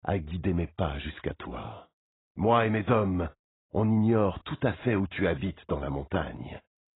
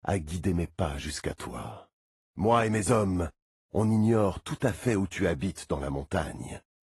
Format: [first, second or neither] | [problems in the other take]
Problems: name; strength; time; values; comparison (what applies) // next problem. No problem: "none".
second | garbled, watery; badly; nothing above 4 kHz; slightly in the second